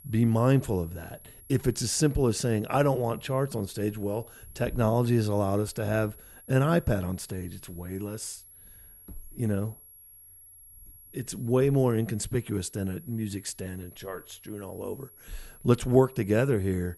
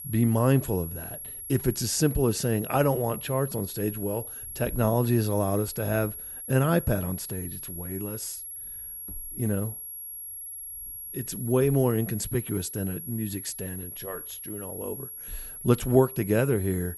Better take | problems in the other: first | high-pitched whine; loud; throughout; 11.5 kHz, 9 dB below the speech; faint in the first

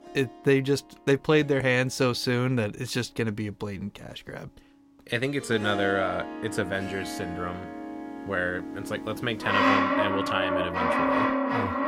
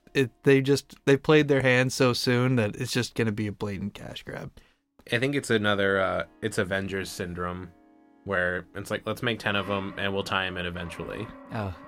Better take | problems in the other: second | background music; loud; throughout; 1 dB below the speech; faint in the second

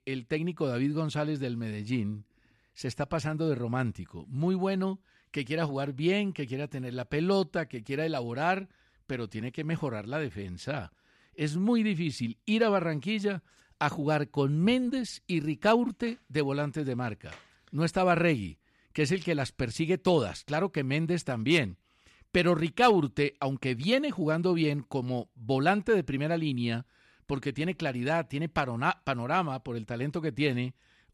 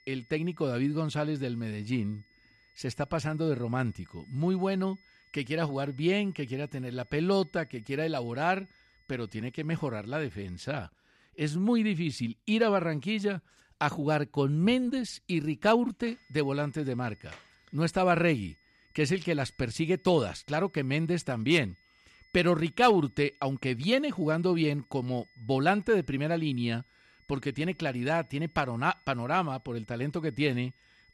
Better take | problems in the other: first | high-pitched whine; faint; until 11 s and from 16 s on; 2 kHz, 30 dB below the speech

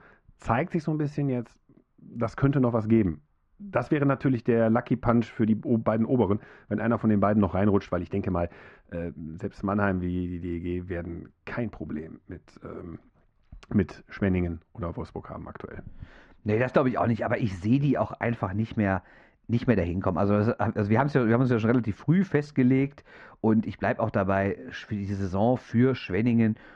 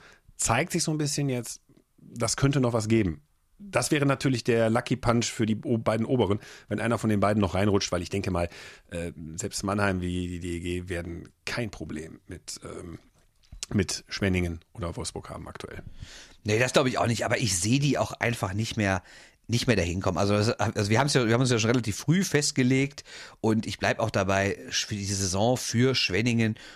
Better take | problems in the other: second | muffled; very; fading above 1.5 kHz

